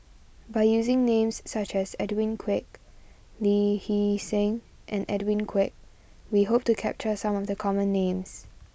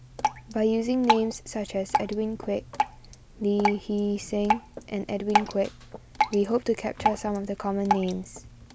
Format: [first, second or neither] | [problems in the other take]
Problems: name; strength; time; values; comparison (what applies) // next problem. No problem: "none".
first | background sound (Drip); 3 dB below the speech